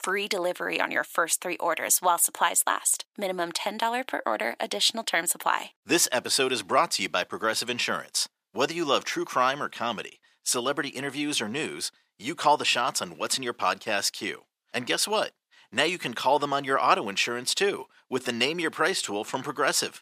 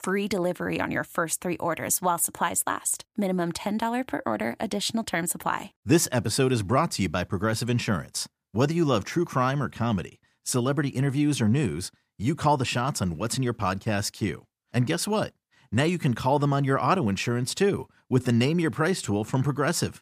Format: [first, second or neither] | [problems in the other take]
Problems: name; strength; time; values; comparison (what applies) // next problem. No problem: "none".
second | thin; somewhat; fading below 450 Hz